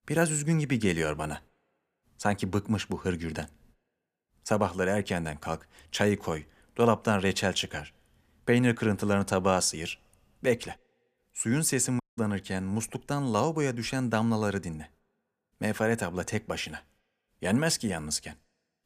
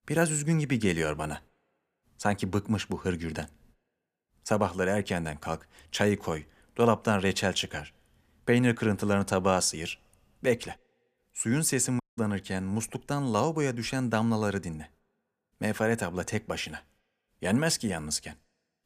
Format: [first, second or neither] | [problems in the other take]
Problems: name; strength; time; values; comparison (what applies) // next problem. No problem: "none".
neither | audio cutting out; at 12 s; the same in both